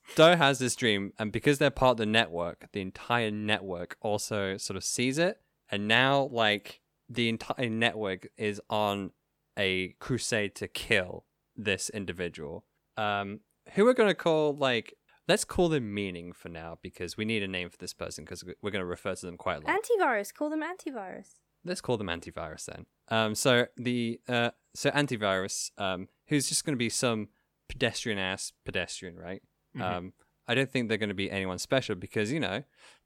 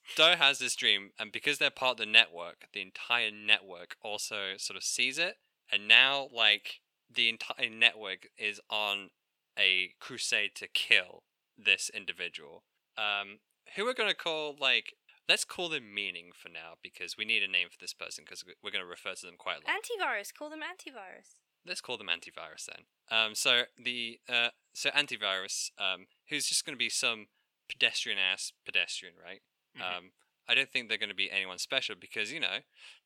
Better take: first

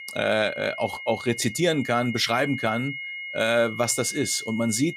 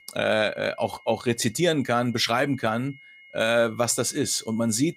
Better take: second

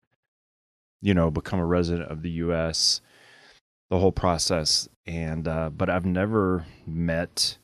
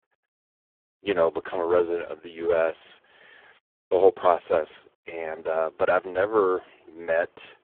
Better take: first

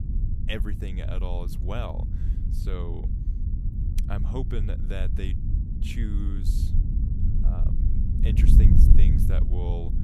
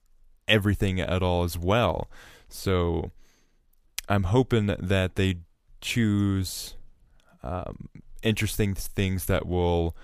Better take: second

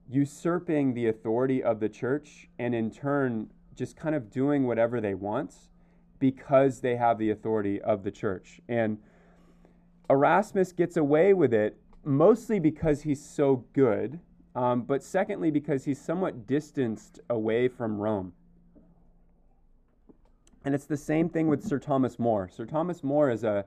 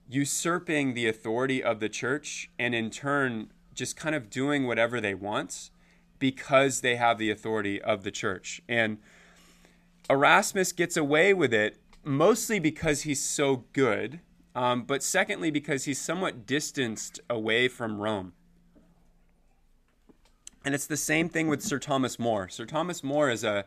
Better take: second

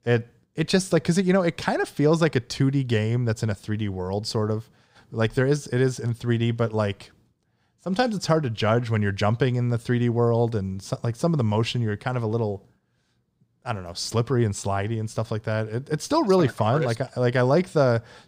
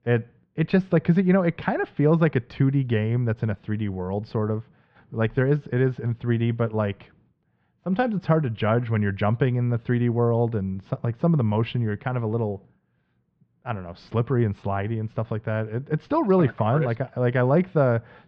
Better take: first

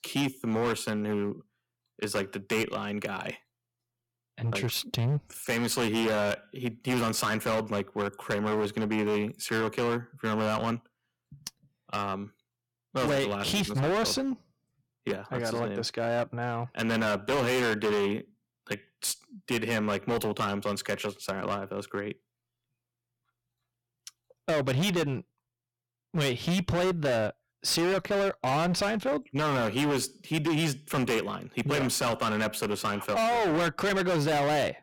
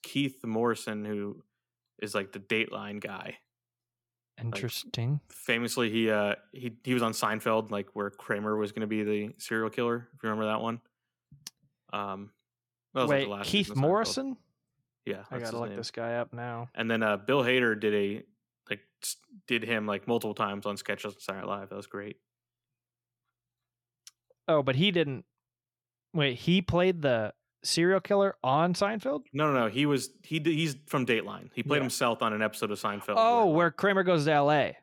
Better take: second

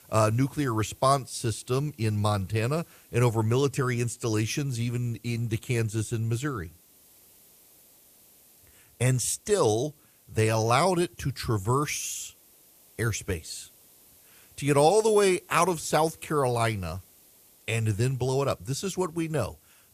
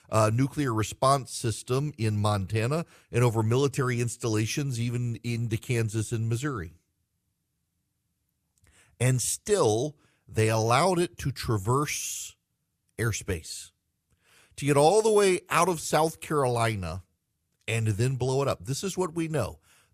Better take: second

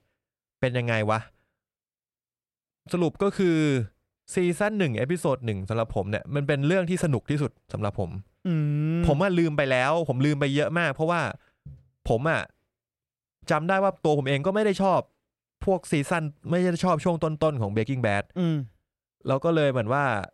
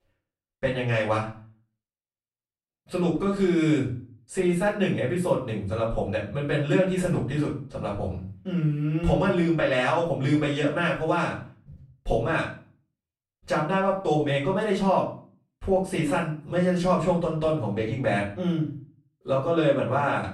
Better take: first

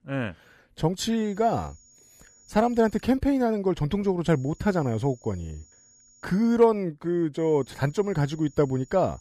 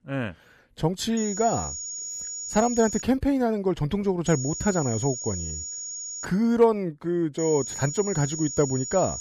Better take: first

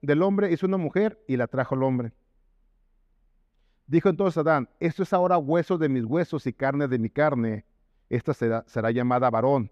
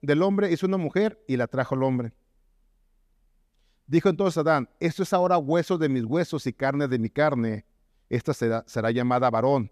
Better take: second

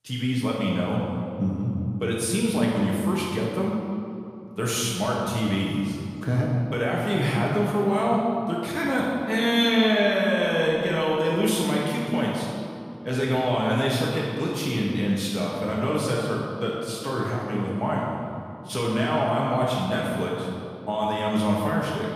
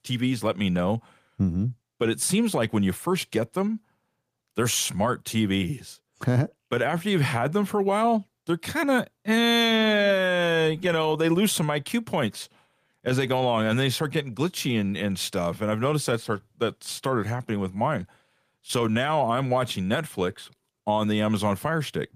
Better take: second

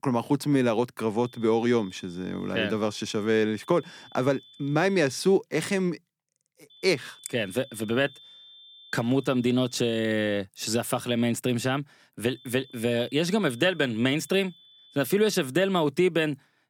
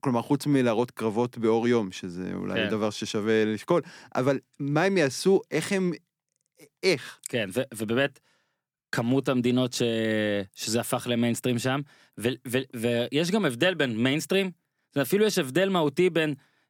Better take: second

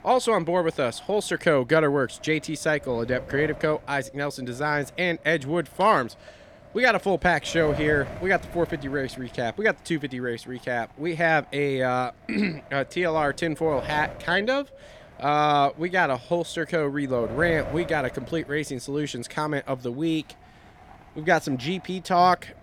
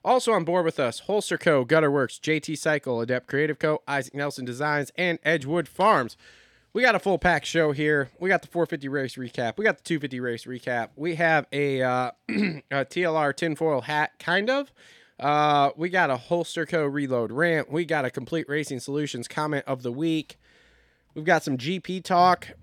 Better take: second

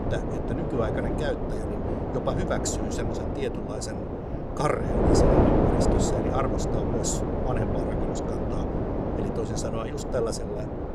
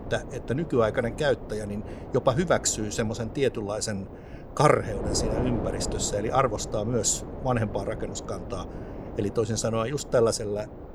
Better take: second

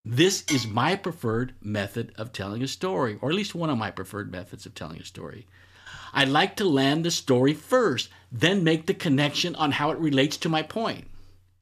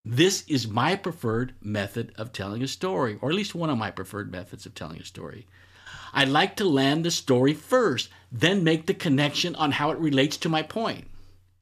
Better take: second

